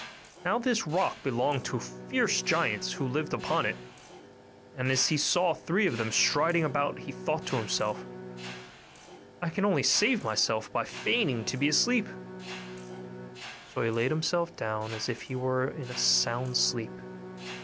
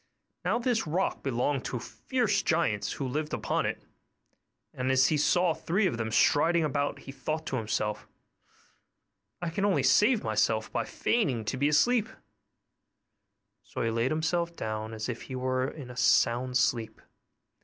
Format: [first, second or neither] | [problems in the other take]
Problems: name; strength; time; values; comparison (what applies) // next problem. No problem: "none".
second | background sound (Bowed string instrument + Mechanisms); 13 dB below the speech